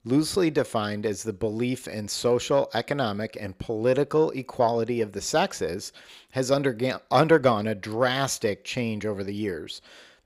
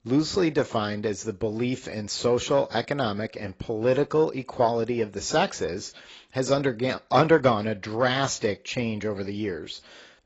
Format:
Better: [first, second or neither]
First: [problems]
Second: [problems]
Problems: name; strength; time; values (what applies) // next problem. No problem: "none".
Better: first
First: none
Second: garbled, watery; badly; nothing above 7.5 kHz